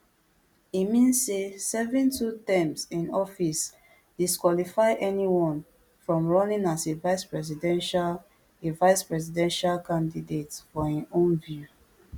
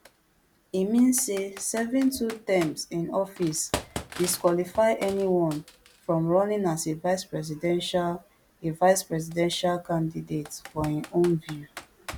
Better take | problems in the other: first | background sound (Computer keyboard); 17 dB below the speech

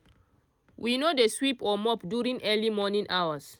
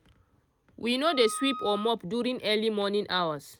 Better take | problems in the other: first | background sound (Wind instrument, woodwind instrument); 10 dB below the speech

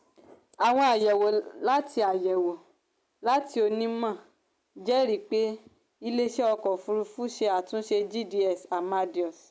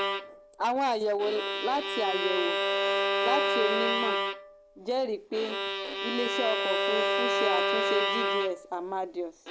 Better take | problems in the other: first | background sound (Bowed string instrument); 2 dB above the speech

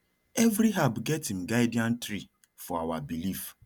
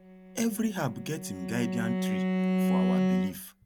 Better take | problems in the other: first | background sound (Bowed string instrument); 4 dB above the speech

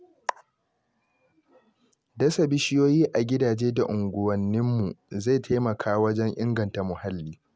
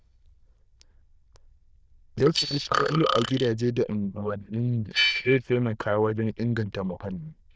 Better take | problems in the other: first | noise reduction (neural diffusion model UNIVERSE++)

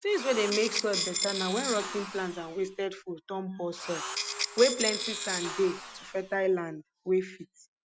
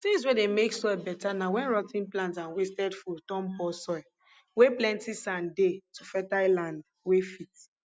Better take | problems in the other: second | background sound (Tools); 4 dB below the speech

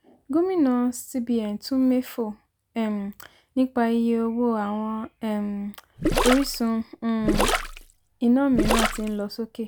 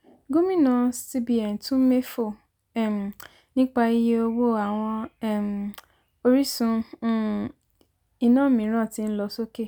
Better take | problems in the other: second | background sound (Gurgling); 1 dB below the speech

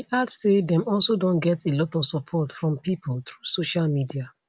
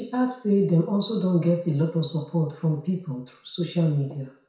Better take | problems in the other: first | room echo; dies away in 0.6 s

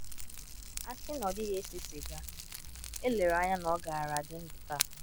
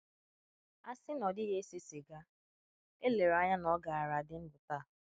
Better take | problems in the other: second | background sound (Fire); 5 dB below the speech

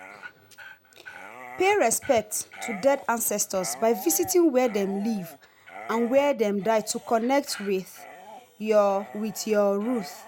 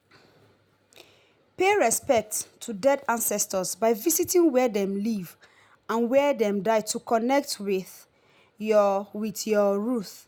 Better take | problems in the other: second | background sound (Dog); 17 dB below the speech

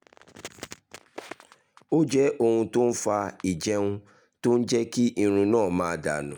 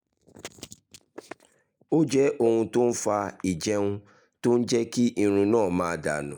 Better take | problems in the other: first | noise reduction (neural mask model Resemble Enhance denoiser)

